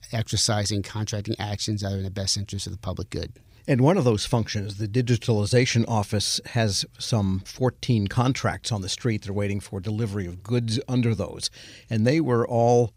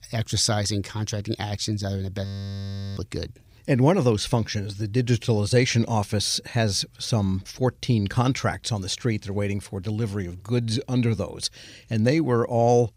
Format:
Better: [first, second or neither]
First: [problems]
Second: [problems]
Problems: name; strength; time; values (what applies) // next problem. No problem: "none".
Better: first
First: none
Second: audio freezing; at 2.5 s for 0.5 s